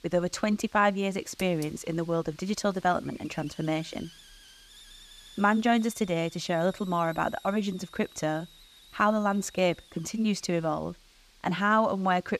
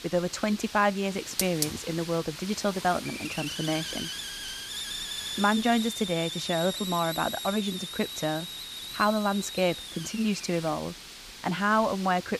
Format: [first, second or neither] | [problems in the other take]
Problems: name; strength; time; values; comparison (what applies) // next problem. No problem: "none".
first | hiss; loud; throughout; 6 dB below the speech; faint in the first